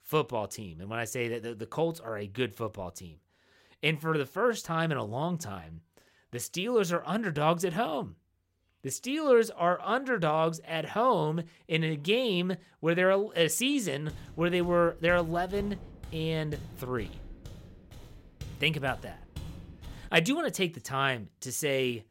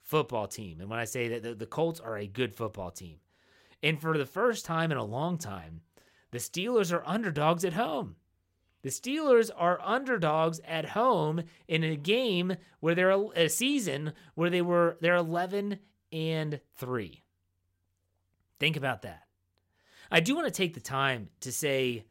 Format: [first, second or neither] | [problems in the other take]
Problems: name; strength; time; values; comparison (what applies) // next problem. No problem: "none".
second | footsteps; faint; from 14 to 20 s; peak 15 dB below the speech